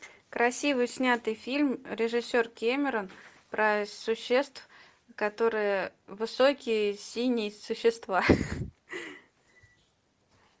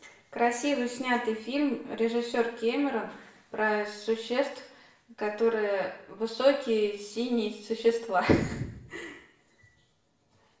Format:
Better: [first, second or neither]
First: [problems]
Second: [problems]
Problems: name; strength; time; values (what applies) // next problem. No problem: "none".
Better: first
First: none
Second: room echo; dies away in 0.6 s